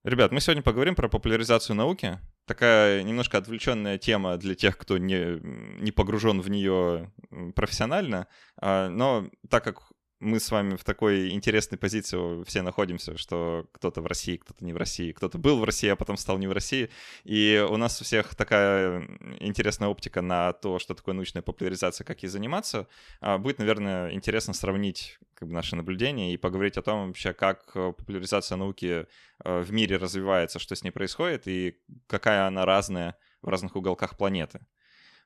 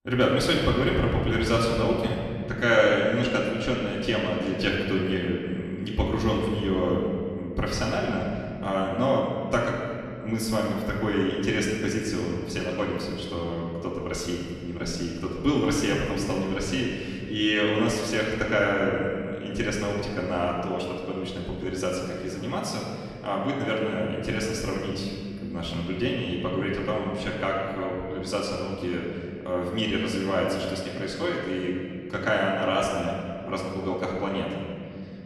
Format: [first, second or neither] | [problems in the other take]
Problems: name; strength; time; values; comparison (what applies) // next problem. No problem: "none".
first | off-mic speech; far // room echo; noticeable; dies away in 2.4 s